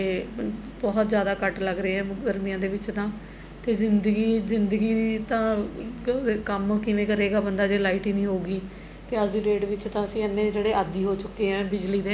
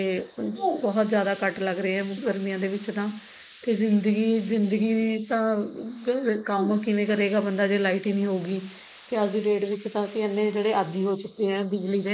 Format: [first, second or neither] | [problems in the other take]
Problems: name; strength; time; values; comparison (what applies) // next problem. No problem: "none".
first | noise reduction (neural mask model Resemble Enhance denoiser)